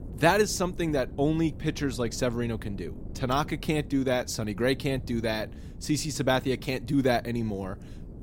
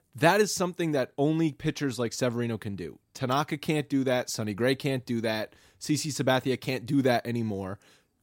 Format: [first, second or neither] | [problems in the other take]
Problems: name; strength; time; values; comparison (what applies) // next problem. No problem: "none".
second | wind noise on the microphone; occasional gusts; 20 dB below the speech